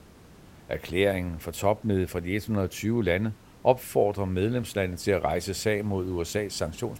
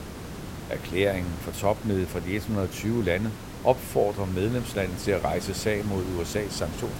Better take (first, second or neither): first